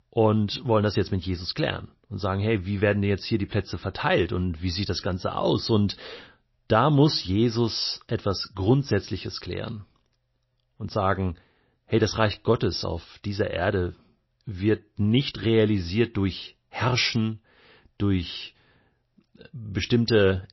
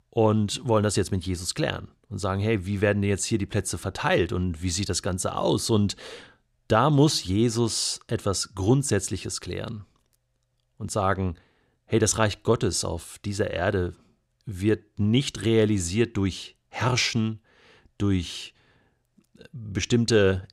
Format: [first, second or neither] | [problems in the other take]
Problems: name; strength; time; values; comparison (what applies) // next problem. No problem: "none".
second | garbled, watery; slightly; nothing above 5.5 kHz